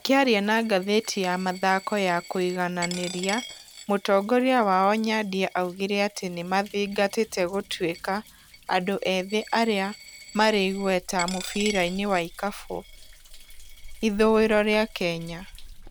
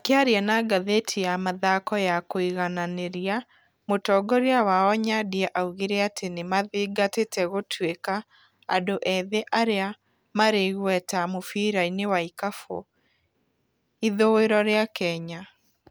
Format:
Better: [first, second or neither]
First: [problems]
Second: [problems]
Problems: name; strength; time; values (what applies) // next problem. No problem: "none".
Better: second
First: background sound (Coin (dropping) + Thunder); 16 dB below the speech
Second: none